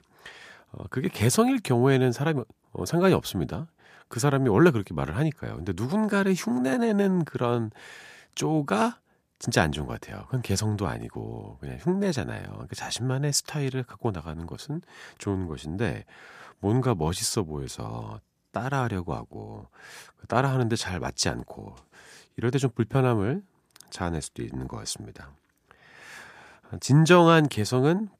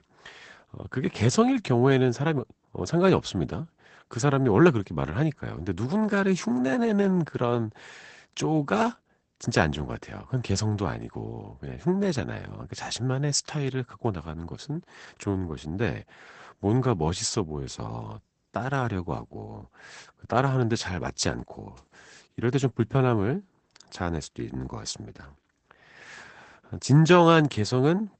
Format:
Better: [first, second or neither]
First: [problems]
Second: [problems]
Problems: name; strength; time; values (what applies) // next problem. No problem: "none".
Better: first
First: none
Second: garbled, watery; badly; nothing above 8 kHz